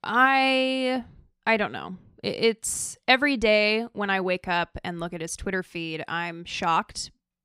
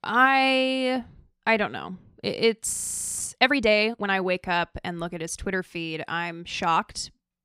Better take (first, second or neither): first